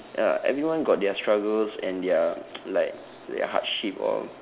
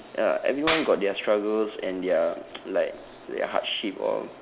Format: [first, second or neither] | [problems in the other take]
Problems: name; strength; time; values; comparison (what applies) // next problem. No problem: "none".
first | background sound (Clapping); 10 dB below the speech